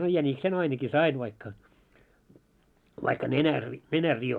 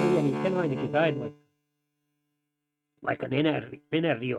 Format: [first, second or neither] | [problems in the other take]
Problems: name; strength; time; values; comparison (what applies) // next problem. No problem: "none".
first | noise reduction (neural mask model RNNoise)